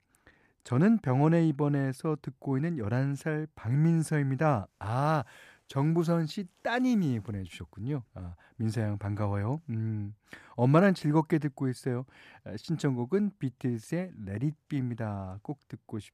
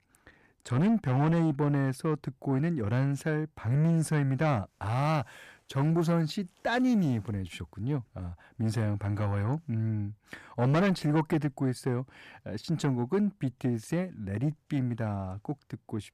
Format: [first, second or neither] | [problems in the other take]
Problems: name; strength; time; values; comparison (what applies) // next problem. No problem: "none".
first | distortion; slight; 10 dB below the speech